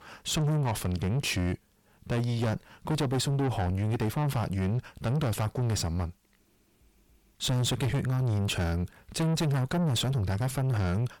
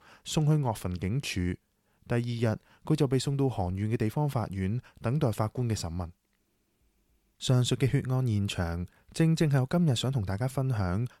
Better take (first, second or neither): second